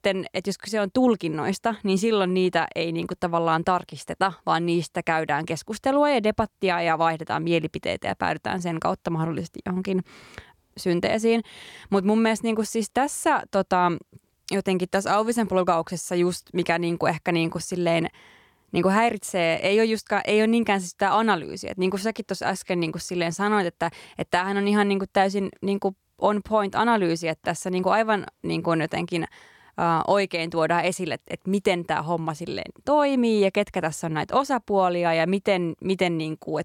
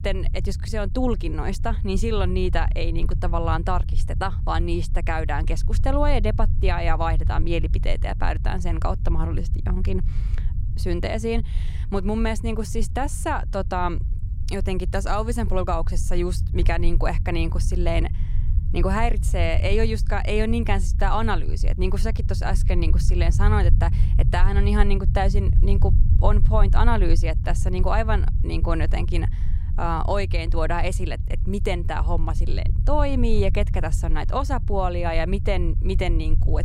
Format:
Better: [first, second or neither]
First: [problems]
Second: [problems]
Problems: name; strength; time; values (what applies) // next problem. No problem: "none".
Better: first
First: none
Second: low rumble; noticeable; throughout; 15 dB below the speech